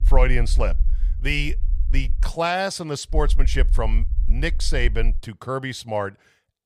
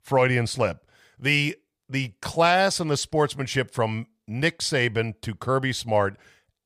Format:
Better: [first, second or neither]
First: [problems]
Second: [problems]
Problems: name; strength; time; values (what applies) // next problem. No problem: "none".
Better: second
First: low rumble; faint; until 2.5 s and from 3 to 5 s; 20 dB below the speech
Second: none